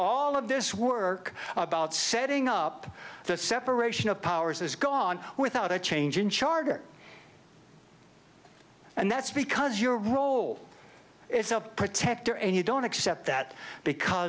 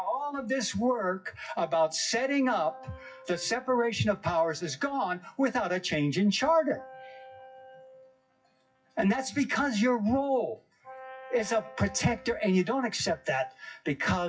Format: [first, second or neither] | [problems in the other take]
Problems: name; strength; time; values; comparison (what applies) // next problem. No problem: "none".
first | noise reduction (classical method WPE with log-MMSE)